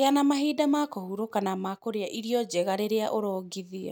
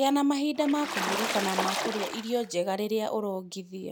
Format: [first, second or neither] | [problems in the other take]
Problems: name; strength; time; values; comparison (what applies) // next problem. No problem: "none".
first | background sound (Water / Splash, splatter); 3 dB below the speech